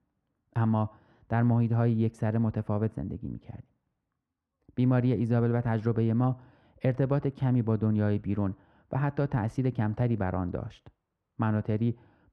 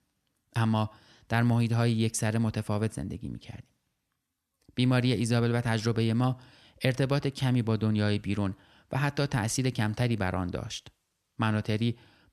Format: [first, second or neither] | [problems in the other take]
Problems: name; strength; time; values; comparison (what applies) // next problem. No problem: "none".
second | muffled; very; fading above 2.5 kHz